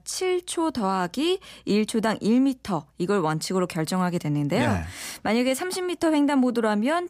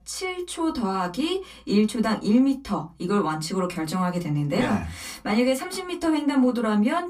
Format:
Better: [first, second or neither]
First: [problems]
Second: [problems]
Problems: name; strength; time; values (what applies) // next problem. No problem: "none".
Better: first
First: none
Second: off-mic speech; far // room echo; very slight; dies away in 0.2 s